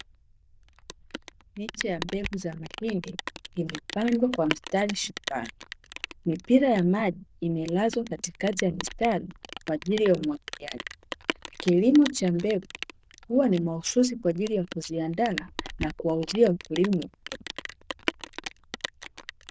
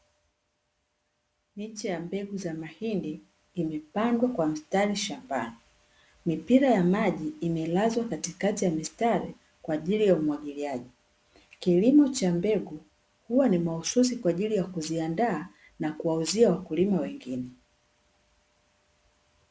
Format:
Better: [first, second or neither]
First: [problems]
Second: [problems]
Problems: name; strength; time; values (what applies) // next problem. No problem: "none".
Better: second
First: noise reduction (neural diffusion model UNIVERSE++)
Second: none